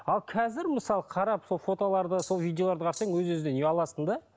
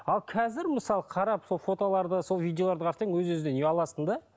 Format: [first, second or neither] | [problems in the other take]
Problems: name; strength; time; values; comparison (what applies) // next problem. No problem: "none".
second | background sound (Rattle (instrument)); 17 dB below the speech